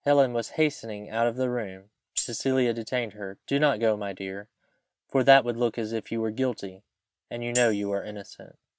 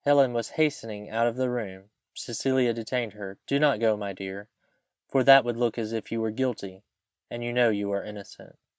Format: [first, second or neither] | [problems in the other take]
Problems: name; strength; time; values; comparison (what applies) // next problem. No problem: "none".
second | background sound (Tambourine); 11 dB below the speech